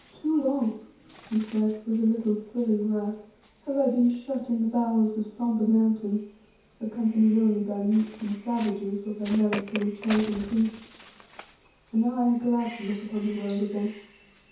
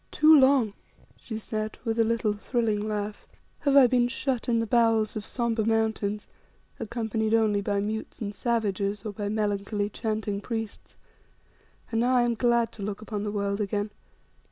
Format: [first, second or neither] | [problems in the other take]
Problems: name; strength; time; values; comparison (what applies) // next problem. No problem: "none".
second | background sound (Bird); 19 dB below the speech // room echo; dies away in 0.6 s